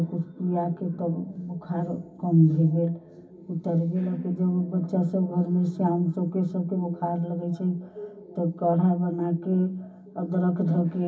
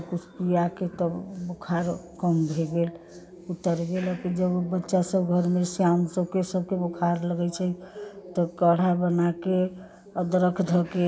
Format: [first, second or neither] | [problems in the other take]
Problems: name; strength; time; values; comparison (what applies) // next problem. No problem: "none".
second | room echo; dies away in 0.4 s